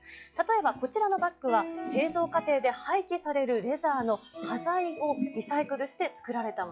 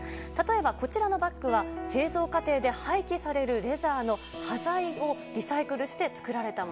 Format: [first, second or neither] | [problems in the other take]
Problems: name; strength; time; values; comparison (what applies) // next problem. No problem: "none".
second | noise reduction (classical method log-MMSE)